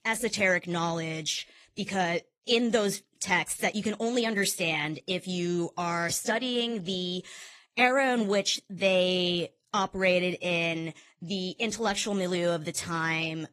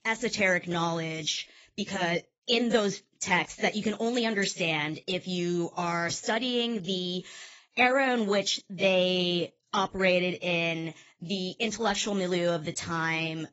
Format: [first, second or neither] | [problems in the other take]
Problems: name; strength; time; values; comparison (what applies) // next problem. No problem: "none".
first | garbled, watery; badly; nothing above 8 kHz; slightly in the first